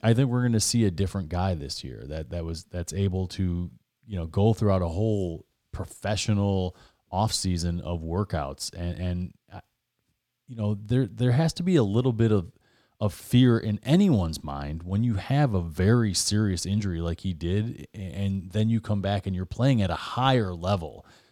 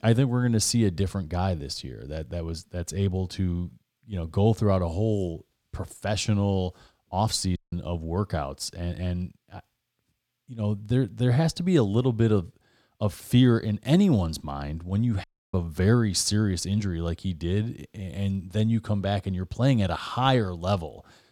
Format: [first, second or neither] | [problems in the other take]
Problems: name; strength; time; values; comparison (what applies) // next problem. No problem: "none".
first | audio cutting out; at 7.5 s and at 15 s